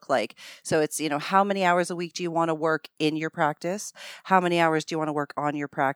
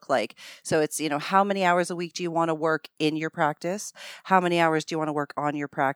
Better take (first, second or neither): neither